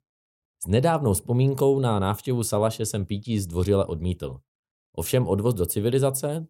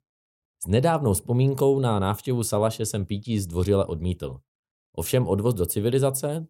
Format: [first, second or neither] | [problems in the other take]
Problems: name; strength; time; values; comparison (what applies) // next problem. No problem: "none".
neither | none